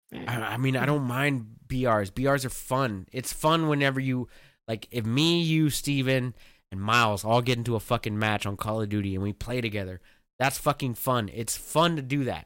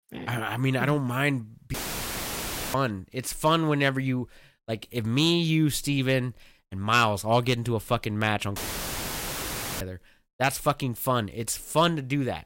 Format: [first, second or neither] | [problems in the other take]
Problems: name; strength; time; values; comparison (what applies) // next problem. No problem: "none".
first | audio cutting out; filled with static; at 1.5 s for 1 s and at 8.5 s for 1.5 s